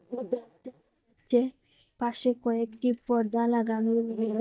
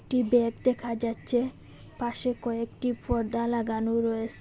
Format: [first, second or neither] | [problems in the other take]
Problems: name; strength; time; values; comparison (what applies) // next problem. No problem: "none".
second | noise reduction (neural mask model DeepFilterNet 3)